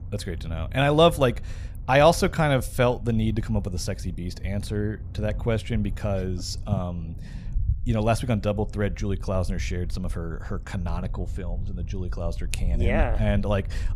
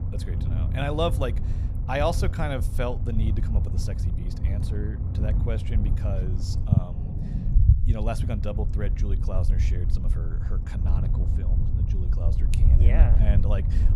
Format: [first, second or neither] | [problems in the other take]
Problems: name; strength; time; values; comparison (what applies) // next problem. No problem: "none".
first | low rumble; loud; throughout; 8 dB below the speech; faint in the first